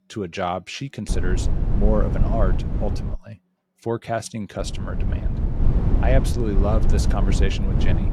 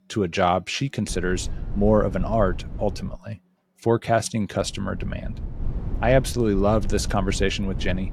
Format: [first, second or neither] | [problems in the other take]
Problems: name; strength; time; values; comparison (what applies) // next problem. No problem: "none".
second | low rumble; loud; from 1 to 3 s and from 4.5 s on; 7 dB below the speech; faint in the second